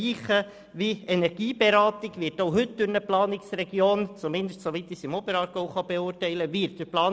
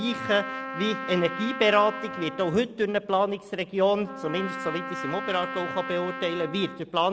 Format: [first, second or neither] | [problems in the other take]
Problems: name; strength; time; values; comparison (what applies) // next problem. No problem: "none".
first | background sound (Trumpet); 9 dB below the speech